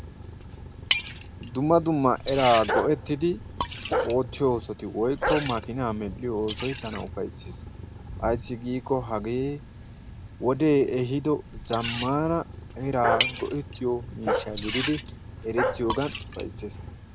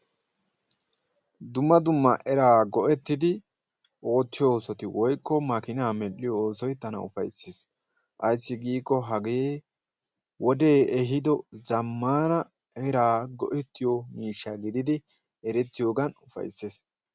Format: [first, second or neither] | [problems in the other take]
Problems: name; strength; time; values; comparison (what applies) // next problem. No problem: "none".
second | background sound (Bark + Liquid); 6 dB below the speech